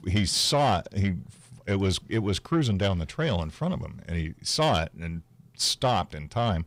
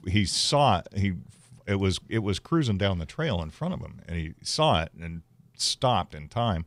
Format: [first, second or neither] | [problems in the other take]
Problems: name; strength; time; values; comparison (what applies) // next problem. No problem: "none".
second | distortion; slight; 10 dB below the speech